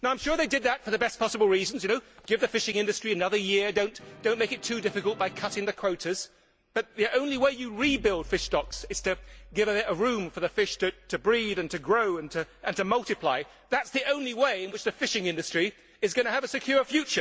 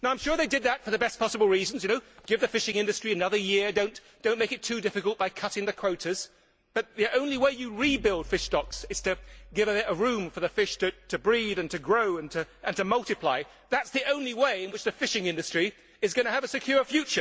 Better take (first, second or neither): second